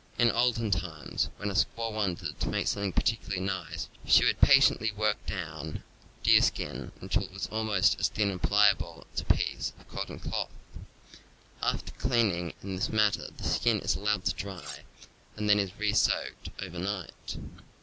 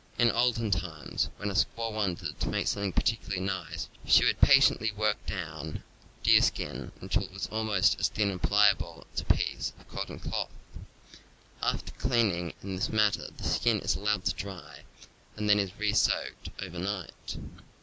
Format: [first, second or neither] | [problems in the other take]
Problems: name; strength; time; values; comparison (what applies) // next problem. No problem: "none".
second | background sound (Cutlery, silverware); 16 dB below the speech